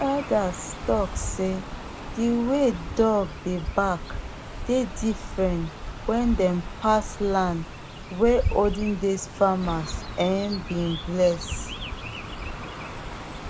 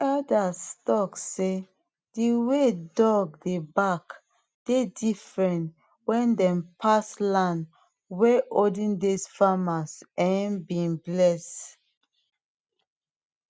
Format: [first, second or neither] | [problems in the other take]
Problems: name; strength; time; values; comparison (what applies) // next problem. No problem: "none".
second | background sound (Chirp, tweet); 8 dB below the speech